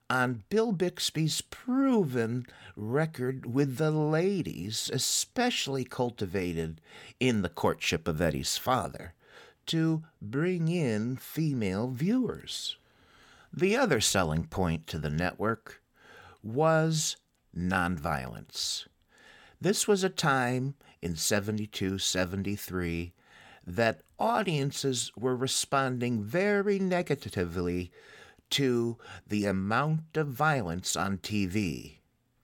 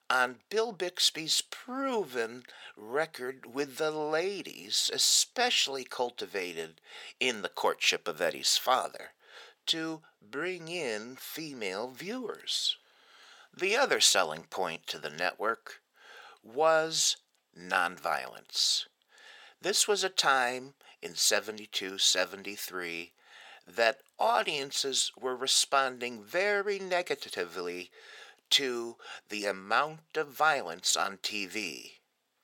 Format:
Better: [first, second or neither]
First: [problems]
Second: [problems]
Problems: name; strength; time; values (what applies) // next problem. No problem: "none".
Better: first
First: none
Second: thin; very; fading below 550 Hz